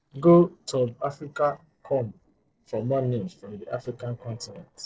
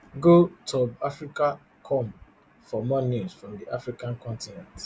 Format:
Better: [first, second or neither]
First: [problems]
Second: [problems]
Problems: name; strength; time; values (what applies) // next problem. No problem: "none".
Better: second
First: noise reduction (neural separator model SepFormer DNS4)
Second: none